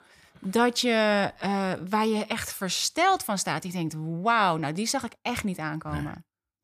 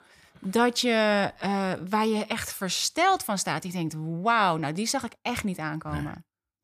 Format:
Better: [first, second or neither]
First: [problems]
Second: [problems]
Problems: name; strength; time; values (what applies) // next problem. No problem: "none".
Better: neither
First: none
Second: none